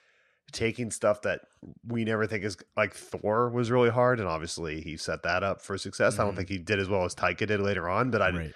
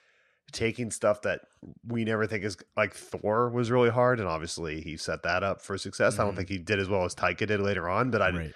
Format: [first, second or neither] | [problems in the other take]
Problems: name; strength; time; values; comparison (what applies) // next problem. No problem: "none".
neither | none